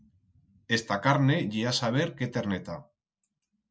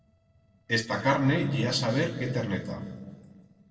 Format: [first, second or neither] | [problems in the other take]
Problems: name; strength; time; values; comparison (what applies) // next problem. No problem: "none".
first | noise reduction (neural separator model SepFormer DNS4)